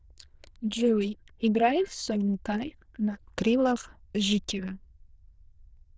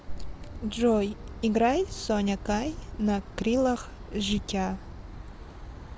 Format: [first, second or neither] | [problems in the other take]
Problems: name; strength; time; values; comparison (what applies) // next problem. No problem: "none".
second | noise reduction (neural diffusion model UNIVERSE++)